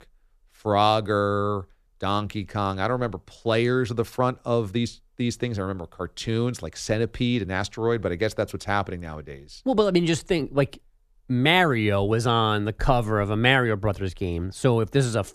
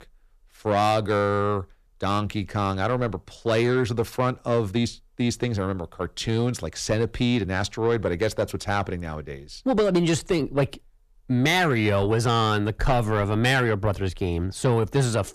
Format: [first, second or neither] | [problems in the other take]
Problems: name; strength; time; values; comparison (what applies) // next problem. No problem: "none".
first | distortion; slight; 10 dB below the speech